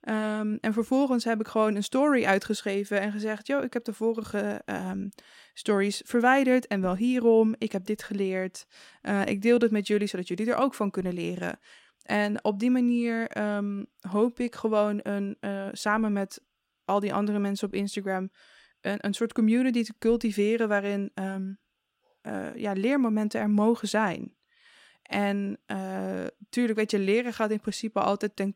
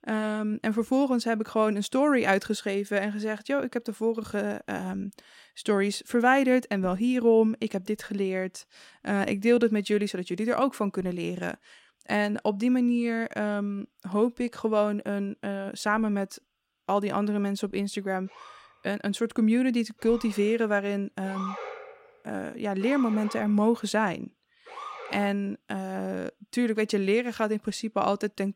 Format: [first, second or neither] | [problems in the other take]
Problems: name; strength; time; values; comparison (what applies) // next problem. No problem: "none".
first | siren; noticeable; from 18 to 25 s; peak 9 dB below the speech